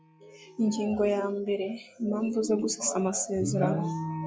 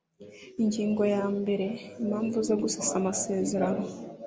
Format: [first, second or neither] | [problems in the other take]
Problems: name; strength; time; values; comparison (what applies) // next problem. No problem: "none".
second | noise reduction (classical method log-MMSE)